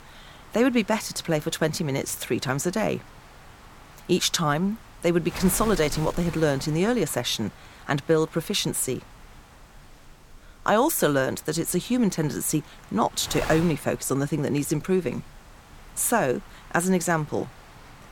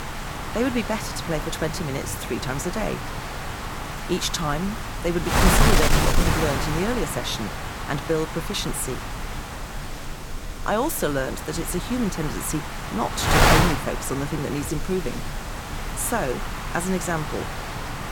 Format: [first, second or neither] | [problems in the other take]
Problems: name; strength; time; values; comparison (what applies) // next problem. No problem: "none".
first | wind noise on the microphone; heavy; 1 dB above the speech; occasional gusts in the first